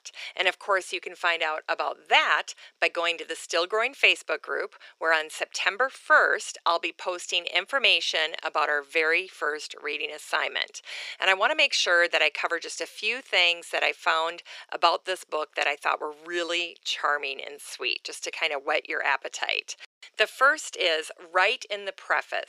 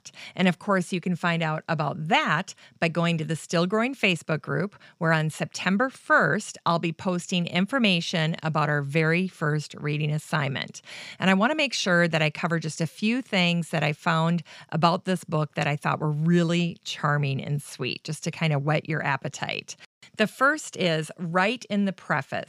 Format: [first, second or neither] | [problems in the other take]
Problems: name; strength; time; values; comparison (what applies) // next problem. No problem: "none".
second | thin; very; fading below 400 Hz